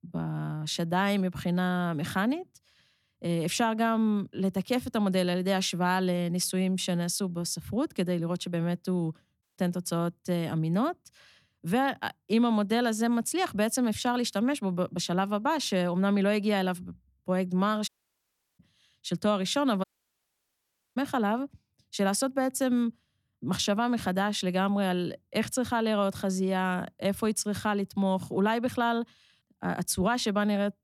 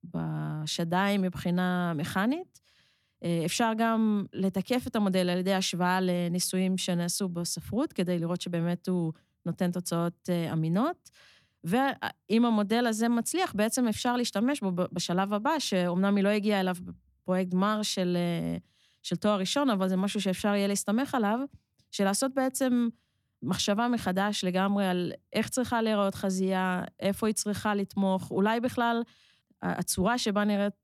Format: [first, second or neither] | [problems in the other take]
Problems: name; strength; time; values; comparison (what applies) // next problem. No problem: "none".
second | audio cutting out; at 9.5 s, at 18 s for 0.5 s and at 20 s for 1 s